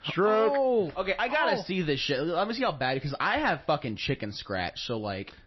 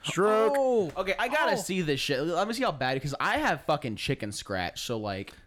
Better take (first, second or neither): second